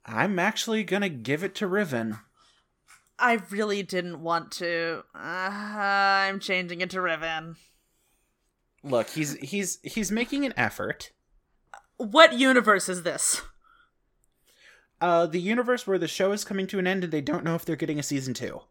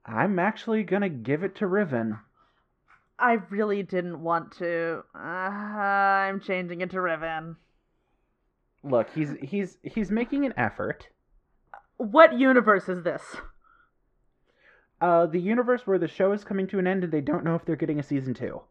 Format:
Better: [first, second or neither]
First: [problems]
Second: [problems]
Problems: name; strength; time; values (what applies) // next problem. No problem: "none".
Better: first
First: none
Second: muffled; very; fading above 1.5 kHz